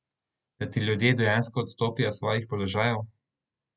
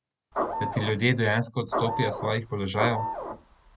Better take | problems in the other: first | background sound (Printer / Engine); 4 dB below the speech

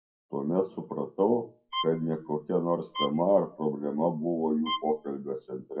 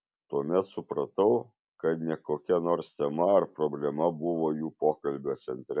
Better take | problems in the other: second | noise reduction (classical method WPE with log-MMSE)

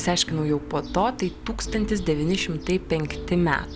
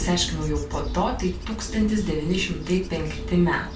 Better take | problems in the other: first | background sound (Wind / Bird / Insect); 8 dB below the speech // room echo; dies away in 0.3 s

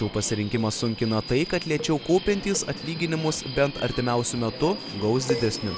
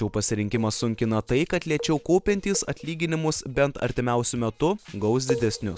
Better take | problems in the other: second | background sound (Subway, metro, underground); 12 dB below the speech

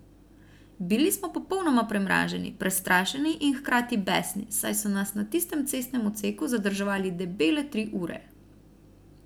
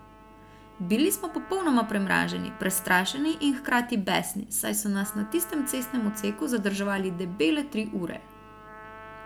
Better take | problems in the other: first | background sound (Trumpet); 19 dB below the speech

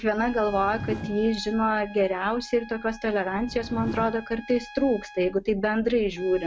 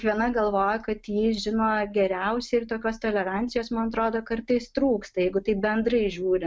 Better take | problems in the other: second | background sound (Whoosh, swoosh, swish + Trumpet); 14 dB below the speech

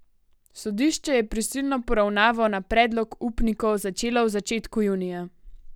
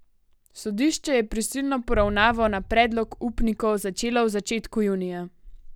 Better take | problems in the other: first | background sound (Boom); 14 dB below the speech

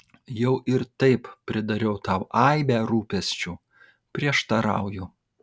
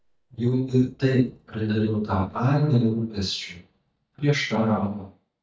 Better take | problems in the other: first | noise reduction (neural mask model DeepFilterNet 3)

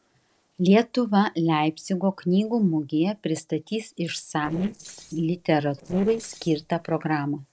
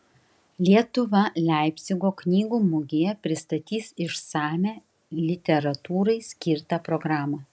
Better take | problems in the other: second | noise reduction (neural separator model SepFormer DNS4)

